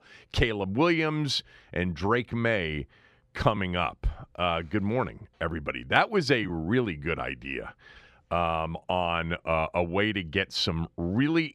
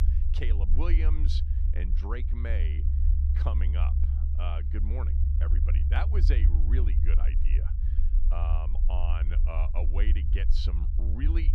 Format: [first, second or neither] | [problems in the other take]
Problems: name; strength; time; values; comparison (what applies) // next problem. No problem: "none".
first | low rumble; loud; throughout; 5 dB below the speech